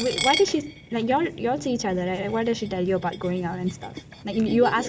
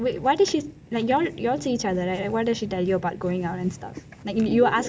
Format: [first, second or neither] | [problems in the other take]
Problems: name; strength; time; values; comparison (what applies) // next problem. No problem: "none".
second | background sound (Coin (dropping)); 12 dB below the speech